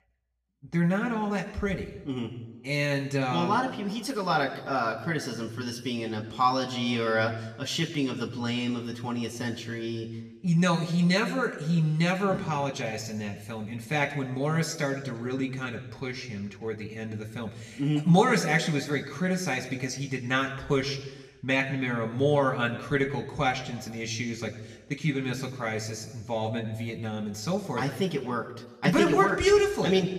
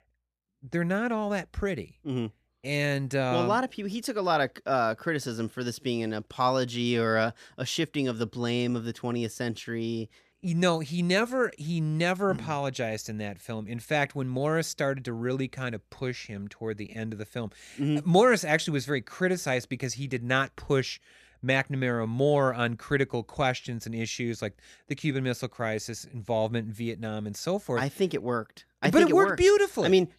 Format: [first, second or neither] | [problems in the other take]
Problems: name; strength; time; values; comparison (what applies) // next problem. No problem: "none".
second | room echo; slight; dies away in 0.9 s // off-mic speech; somewhat distant